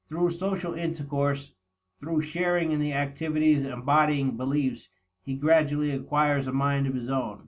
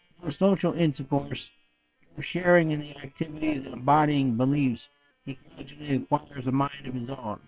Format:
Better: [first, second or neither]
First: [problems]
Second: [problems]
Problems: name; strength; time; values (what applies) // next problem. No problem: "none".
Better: first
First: none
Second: noise reduction (neural separator model SepFormer WHAM!)